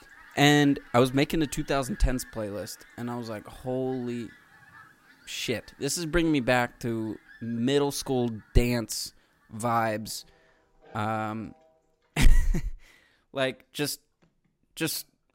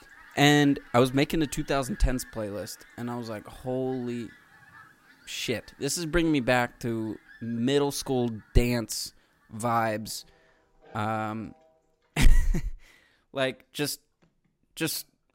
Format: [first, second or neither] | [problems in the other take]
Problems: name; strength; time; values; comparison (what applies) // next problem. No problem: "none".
neither | animal sounds; faint; throughout; 25 dB below the speech; the same in both